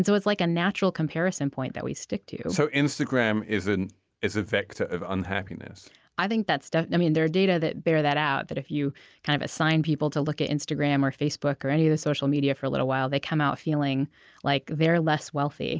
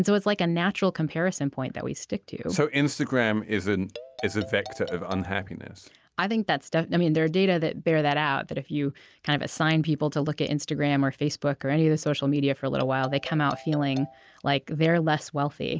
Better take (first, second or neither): first